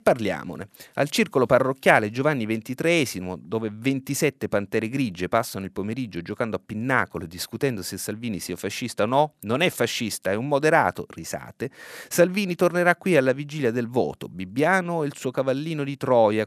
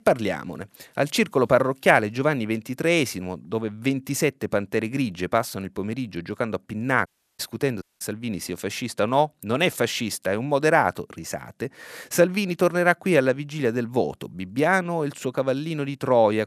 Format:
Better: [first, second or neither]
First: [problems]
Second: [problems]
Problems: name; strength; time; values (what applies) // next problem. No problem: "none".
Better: first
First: none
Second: audio cutting out; at 7 s and at 8 s